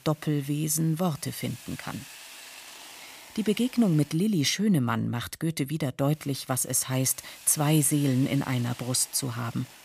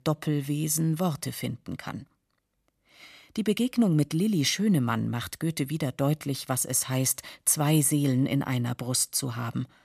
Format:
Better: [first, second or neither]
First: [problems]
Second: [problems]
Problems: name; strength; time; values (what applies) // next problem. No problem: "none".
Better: second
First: hiss; noticeable; until 4 s and from 6 s on; 20 dB below the speech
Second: none